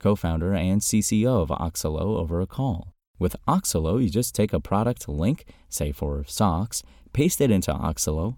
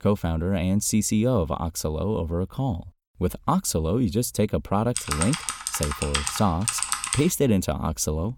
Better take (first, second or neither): first